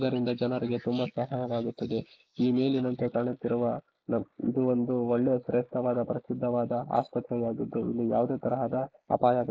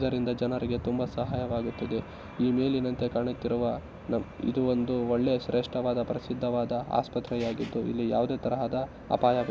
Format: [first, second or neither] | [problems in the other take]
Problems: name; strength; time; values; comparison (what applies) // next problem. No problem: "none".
second | noise reduction (neural mask model Resemble Enhance denoiser)